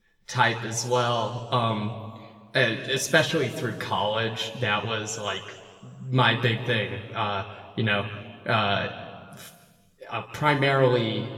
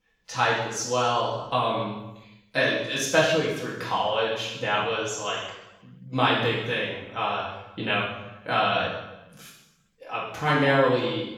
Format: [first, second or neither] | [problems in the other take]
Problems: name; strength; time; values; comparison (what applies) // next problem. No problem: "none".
first | room echo; strong; dies away in 0.9 s; slight in the first // off-mic speech; far; somewhat distant in the first